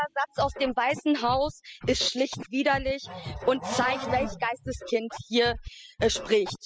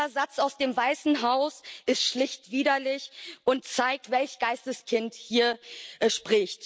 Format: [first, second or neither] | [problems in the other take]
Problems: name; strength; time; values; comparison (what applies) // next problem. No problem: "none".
second | noise reduction (classical method spectral subtraction)